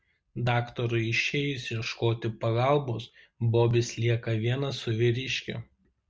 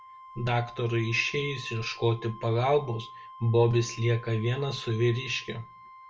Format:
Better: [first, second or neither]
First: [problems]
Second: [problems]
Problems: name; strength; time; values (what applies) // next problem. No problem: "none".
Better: first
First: none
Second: background sound (Wind instrument, woodwind instrument); 18 dB below the speech // room echo; dies away in 0.2 s